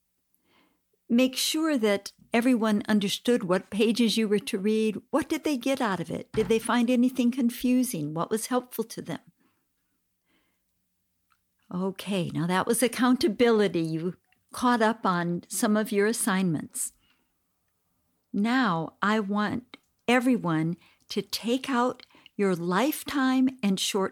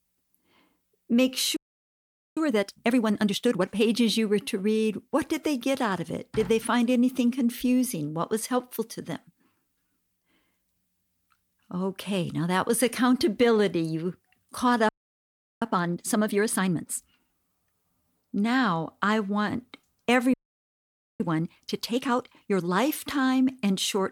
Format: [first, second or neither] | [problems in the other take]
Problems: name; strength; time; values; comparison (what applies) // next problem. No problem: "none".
first | audio freezing; at 1.5 s for 1 s, at 15 s for 0.5 s and at 20 s for 1 s